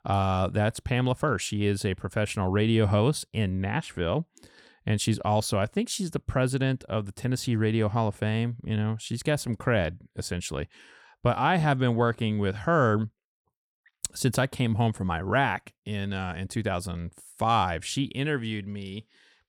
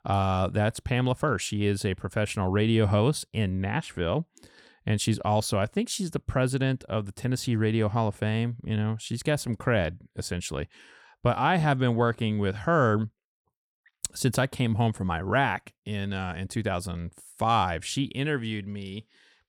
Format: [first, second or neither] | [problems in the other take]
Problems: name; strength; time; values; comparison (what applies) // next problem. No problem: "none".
neither | none